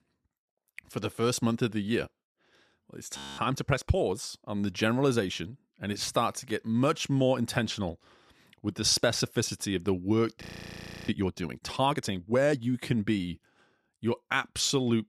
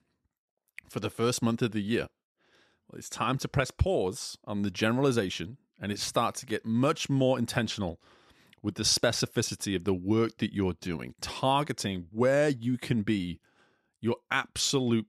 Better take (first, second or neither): second